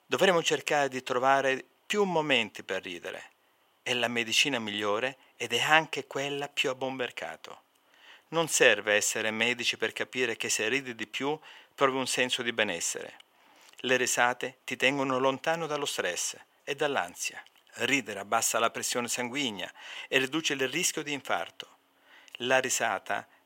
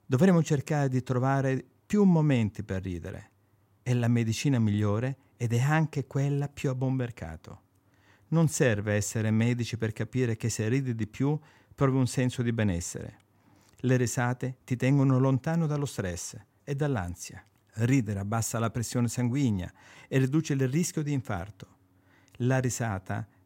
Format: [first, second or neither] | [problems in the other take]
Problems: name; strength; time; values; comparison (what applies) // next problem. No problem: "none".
second | thin; very; fading below 600 Hz